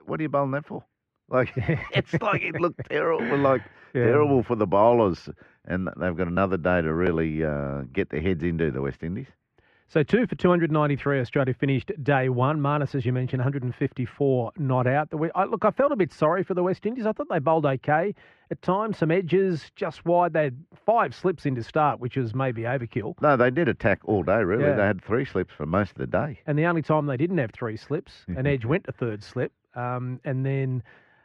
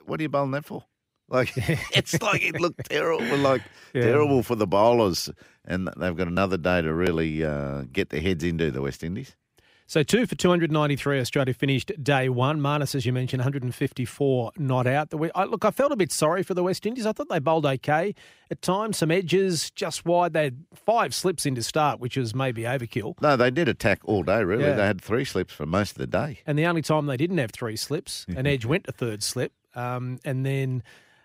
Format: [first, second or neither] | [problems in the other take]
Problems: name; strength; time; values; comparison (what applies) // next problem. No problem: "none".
second | muffled; very; fading above 1.5 kHz